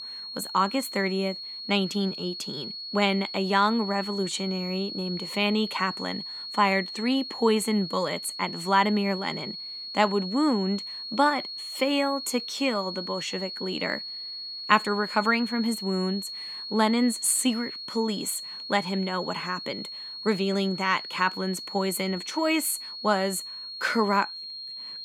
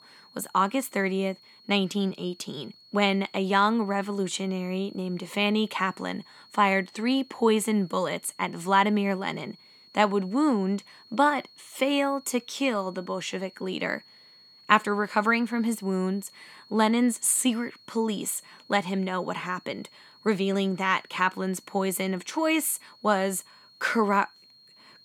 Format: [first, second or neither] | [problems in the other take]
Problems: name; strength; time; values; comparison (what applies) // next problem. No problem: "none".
second | high-pitched whine; loud; throughout; 4.5 kHz, 8 dB below the speech; faint in the second